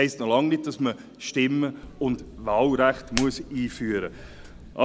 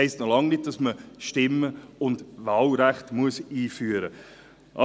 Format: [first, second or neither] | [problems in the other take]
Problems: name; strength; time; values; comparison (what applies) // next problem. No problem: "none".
second | background sound (Hands); 14 dB below the speech